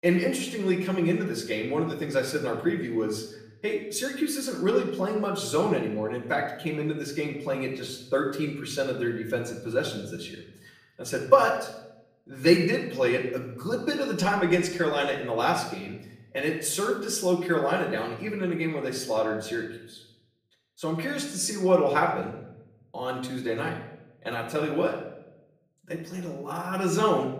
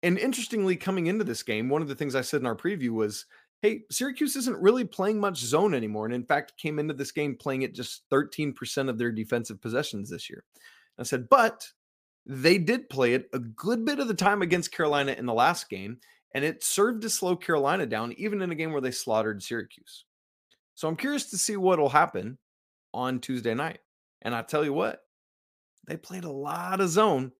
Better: second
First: room echo; slight; dies away in 0.7 s // off-mic speech; far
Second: none

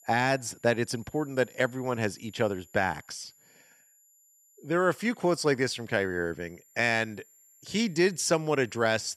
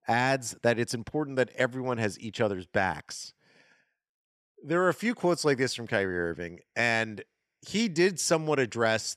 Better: second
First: high-pitched whine; faint; throughout; 7 kHz, 30 dB below the speech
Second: none

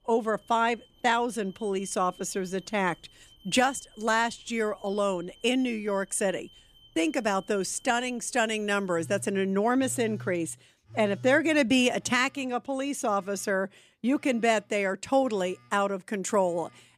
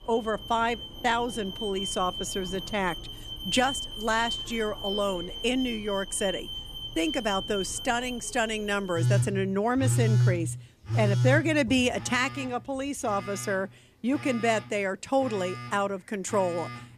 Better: first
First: alarms or sirens; faint; throughout; 25 dB below the speech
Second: alarms or sirens; loud; throughout; 4 dB below the speech

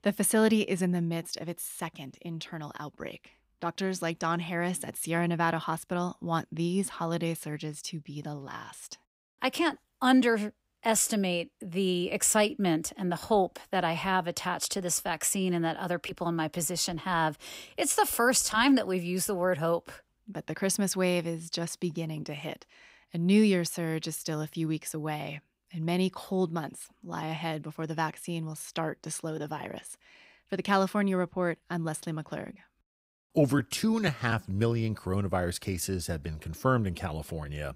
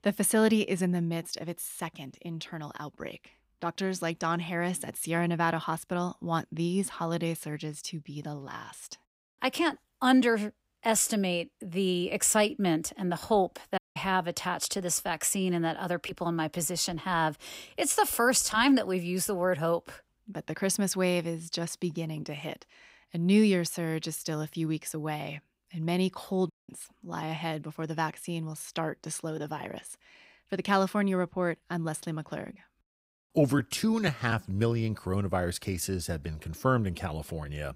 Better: first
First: none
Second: audio cutting out; at 14 s and at 27 s

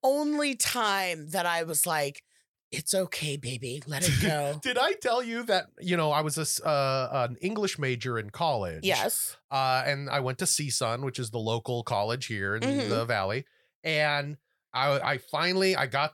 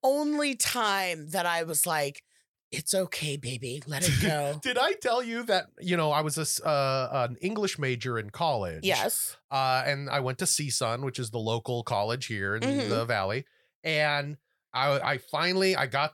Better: neither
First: none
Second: none

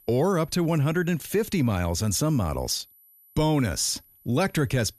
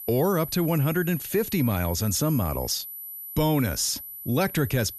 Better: first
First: high-pitched whine; faint; throughout; 12 kHz, 30 dB below the speech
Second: high-pitched whine; loud; throughout; 12 kHz, 10 dB below the speech

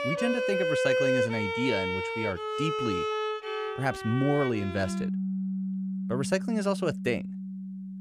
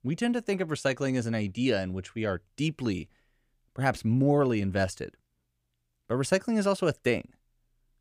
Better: second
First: background music; loud; throughout; as loud as the speech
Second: none

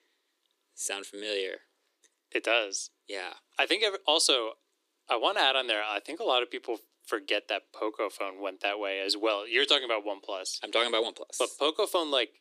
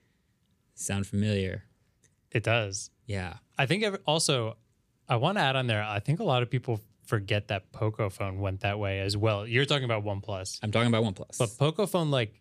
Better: second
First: thin; very; fading below 300 Hz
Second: none

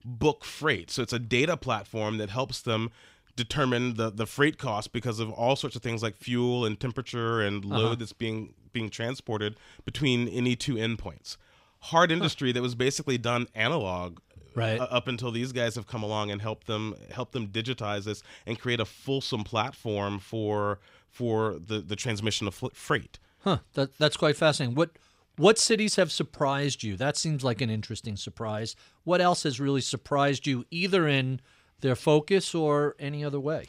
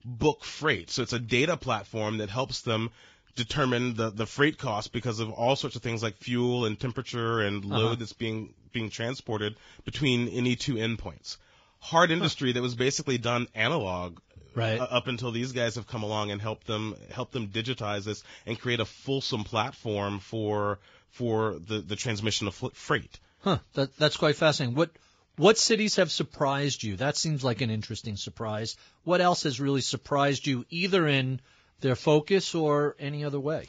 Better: first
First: none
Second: garbled, watery; badly; nothing above 7.5 kHz

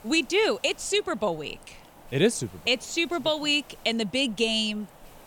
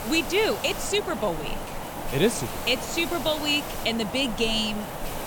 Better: first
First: hiss; faint; throughout; 25 dB below the speech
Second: hiss; loud; throughout; 8 dB below the speech

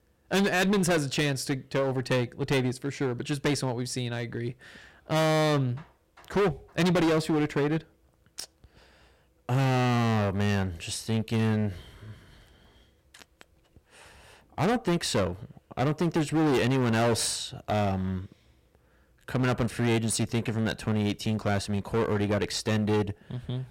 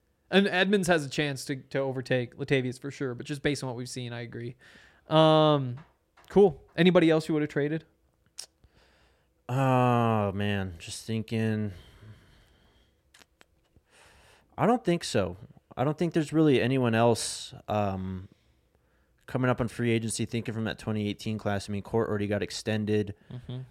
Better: second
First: distortion; heavy; 14% of the sound clipped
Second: none

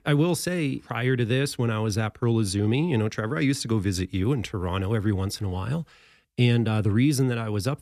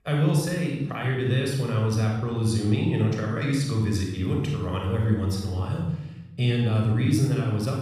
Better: first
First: none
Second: off-mic speech; somewhat distant // room echo; noticeable; dies away in 0.8 s

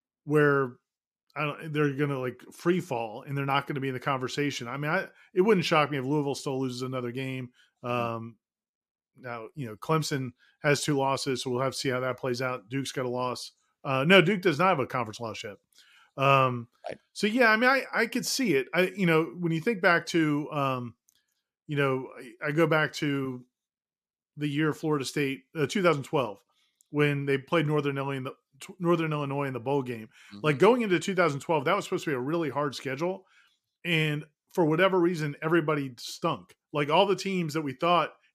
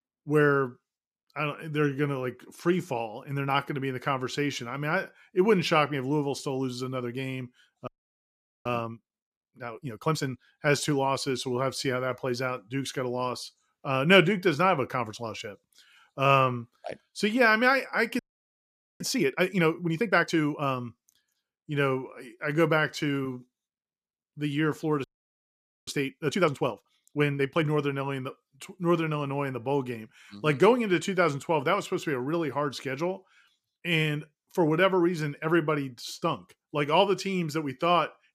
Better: first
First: none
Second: audio freezing; at 8 s for 1 s, at 18 s for 1 s and at 25 s for 1 s

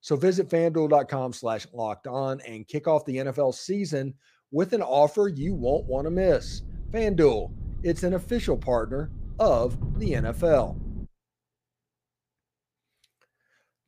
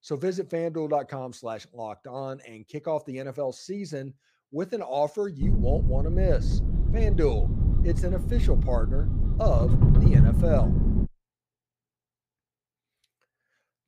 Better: first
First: low rumble; faint; from 5.5 to 11 s; 25 dB below the speech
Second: low rumble; loud; from 5.5 to 11 s; 5 dB below the speech

